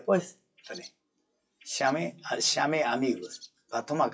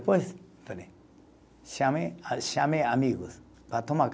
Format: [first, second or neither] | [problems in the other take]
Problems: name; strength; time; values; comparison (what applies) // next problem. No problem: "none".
second | noise reduction (classical method WPE with log-MMSE)